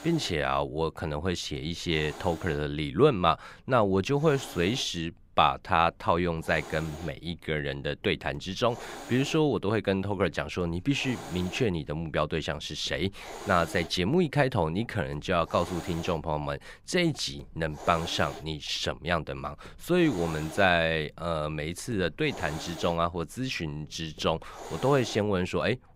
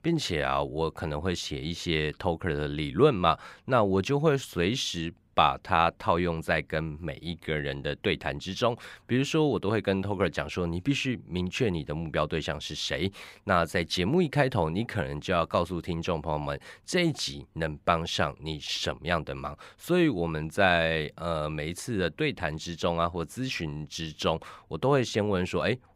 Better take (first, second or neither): second